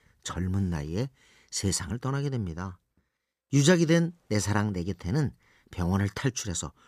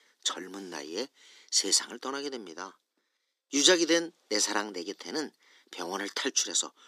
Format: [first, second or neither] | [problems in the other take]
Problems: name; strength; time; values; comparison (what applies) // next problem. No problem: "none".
first | thin; somewhat; fading below 300 Hz